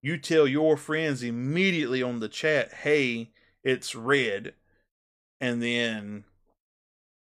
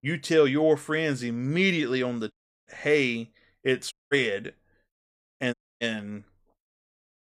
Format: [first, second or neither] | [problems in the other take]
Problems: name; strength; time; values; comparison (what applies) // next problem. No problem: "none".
first | audio cutting out; at 2.5 s, at 4 s and at 5.5 s